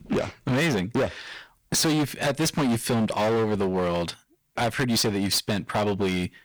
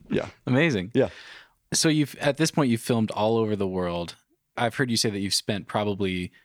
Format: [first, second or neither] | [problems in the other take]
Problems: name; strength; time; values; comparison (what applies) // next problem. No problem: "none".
second | distortion; heavy; 21% of the sound clipped